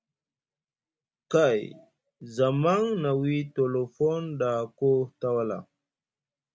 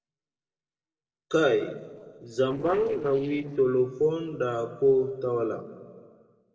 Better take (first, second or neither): first